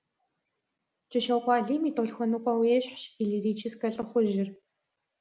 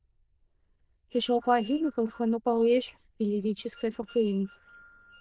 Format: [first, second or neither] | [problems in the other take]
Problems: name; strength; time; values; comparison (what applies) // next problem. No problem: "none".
first | noise reduction (neural diffusion model UNIVERSE++)